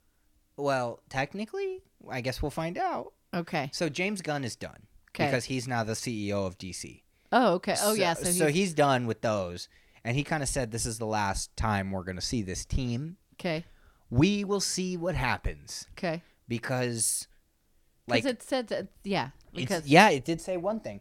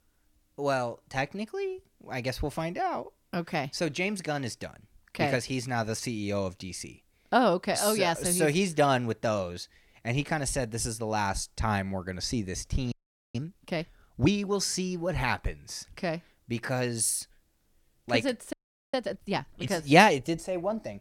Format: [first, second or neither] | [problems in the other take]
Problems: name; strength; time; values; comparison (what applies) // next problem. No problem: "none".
first | audio freezing; at 13 s and at 19 s